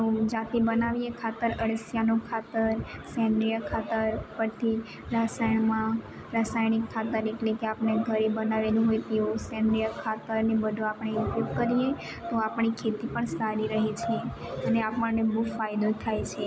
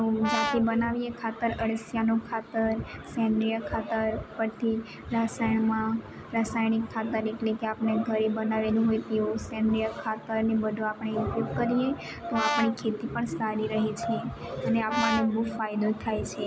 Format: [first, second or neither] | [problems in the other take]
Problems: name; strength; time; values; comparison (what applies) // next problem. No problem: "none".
first | background sound (Brass instrument); 4 dB below the speech